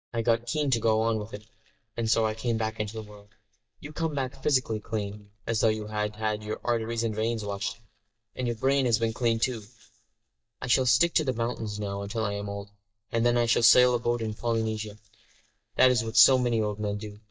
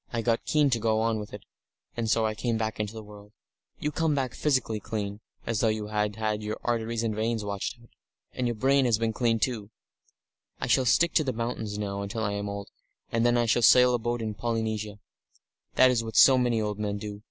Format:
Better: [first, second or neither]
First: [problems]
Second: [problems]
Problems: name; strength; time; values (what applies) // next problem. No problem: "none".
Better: second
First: noise reduction (neural mask model DeepFilterNet 3)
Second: none